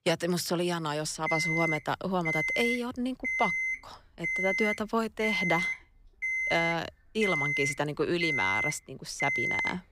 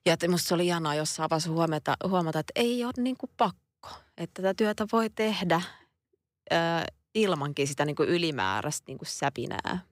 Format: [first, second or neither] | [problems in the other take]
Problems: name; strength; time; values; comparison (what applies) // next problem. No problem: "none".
second | alarm; loud; from 1.5 s on; peak 4 dB above the speech